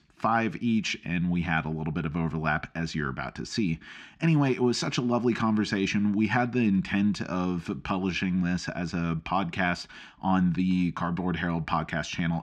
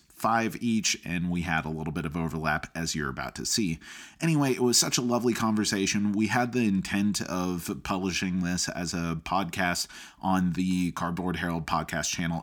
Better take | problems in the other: second | muffled; slightly; fading above 3 kHz

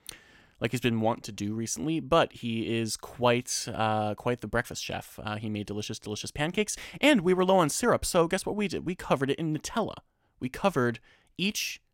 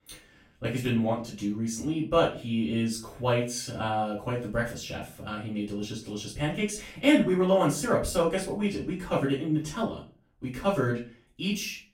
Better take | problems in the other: first | off-mic speech; far // room echo; slight; dies away in 0.3 s

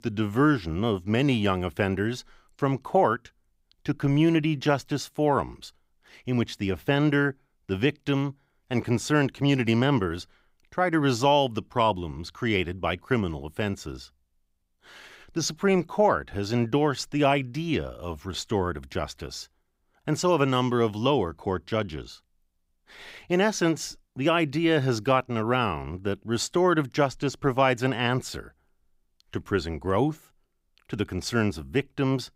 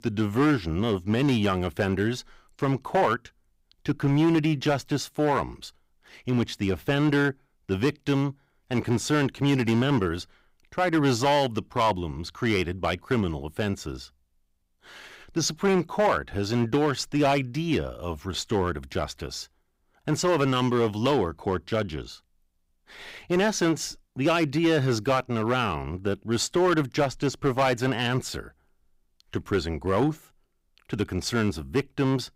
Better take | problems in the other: first | distortion; slight; 5% of the sound clipped

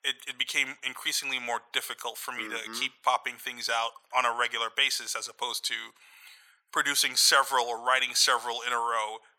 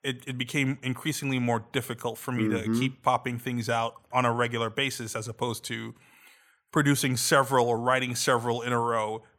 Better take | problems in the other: second | thin; very; fading below 900 Hz

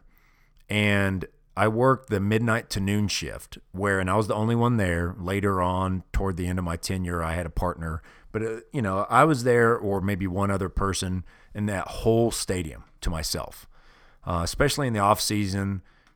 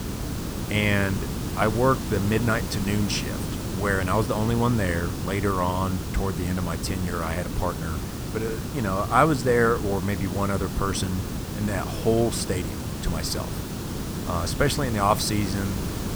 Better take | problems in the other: first | hiss; loud; throughout; 5 dB below the speech

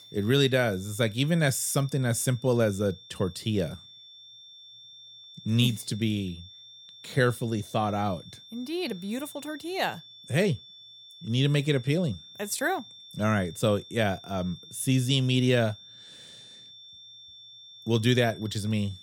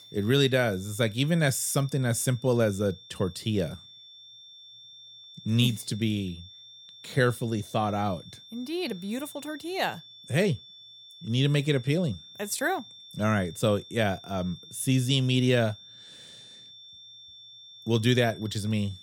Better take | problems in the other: neither | high-pitched whine; noticeable; throughout; 3.5 kHz, 20 dB below the speech; the same in both

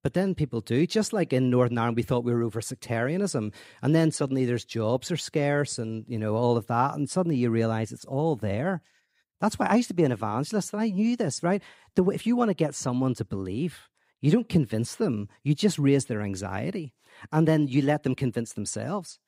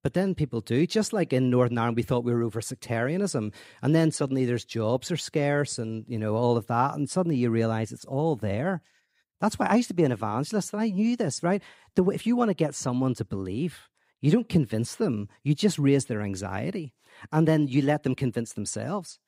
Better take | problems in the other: neither | none

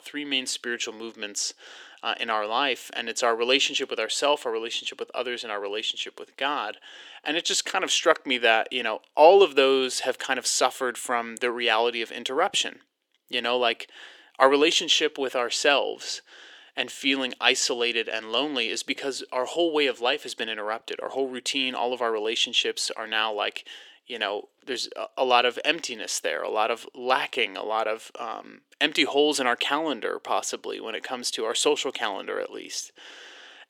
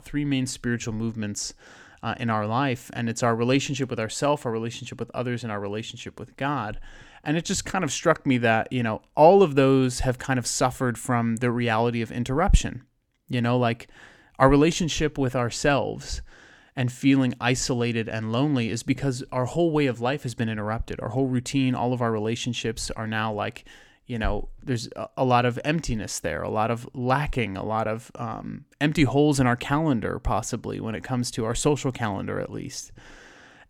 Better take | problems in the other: second | thin; somewhat; fading below 350 Hz

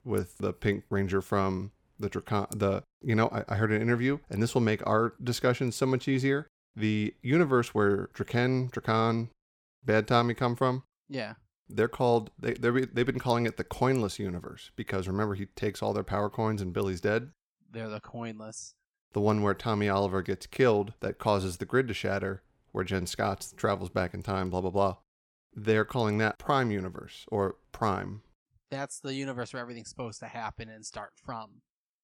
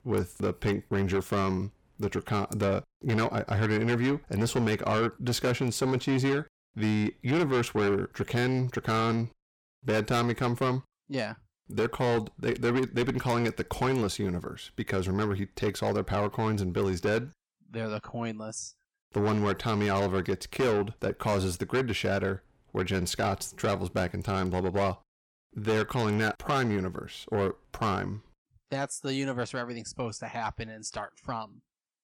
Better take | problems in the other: first | distortion; heavy; 8 dB below the speech

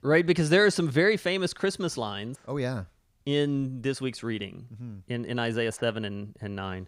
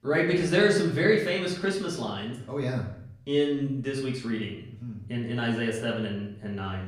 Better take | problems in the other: first | off-mic speech; far // room echo; slight; dies away in 0.6 s

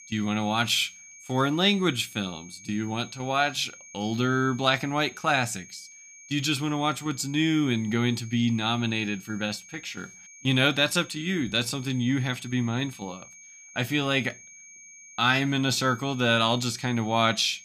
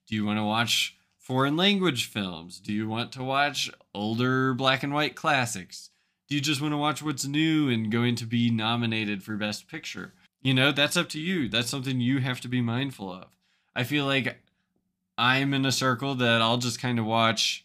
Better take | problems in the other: second | high-pitched whine; noticeable; throughout; 6.5 kHz, 20 dB below the speech

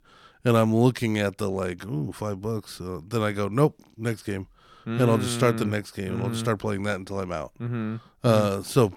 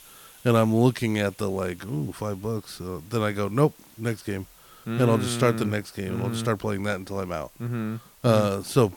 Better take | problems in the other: first | hiss; faint; throughout; 25 dB below the speech

